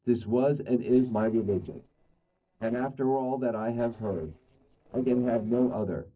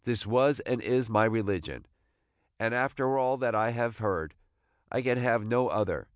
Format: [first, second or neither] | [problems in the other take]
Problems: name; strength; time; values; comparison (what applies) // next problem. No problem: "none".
second | noise reduction (neural separator model SepFormer DNS4)